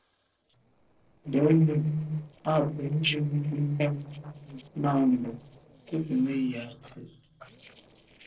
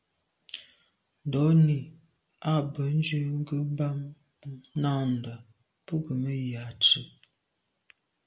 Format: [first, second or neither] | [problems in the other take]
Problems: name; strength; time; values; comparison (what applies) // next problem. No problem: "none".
second | noise reduction (neural separator model SepFormer DNS4)